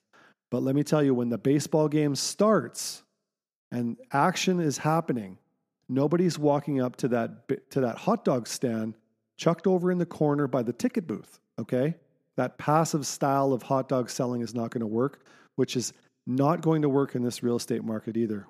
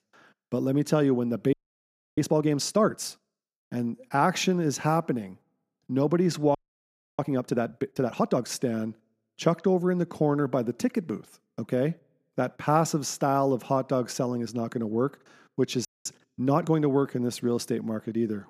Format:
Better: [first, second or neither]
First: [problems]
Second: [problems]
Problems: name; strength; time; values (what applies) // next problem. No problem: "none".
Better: first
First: none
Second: audio freezing; at 1.5 s for 0.5 s, at 6.5 s for 0.5 s and at 16 s